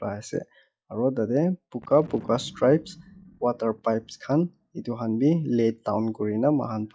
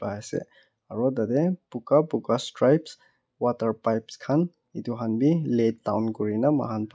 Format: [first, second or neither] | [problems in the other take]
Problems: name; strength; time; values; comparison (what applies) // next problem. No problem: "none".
second | noise reduction (classical method log-MMSE)